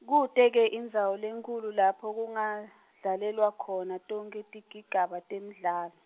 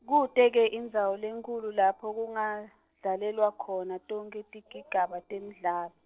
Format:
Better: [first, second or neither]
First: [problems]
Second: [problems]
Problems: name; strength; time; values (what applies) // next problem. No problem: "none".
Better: first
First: none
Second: noise reduction (neural separator model SepFormer DNS4)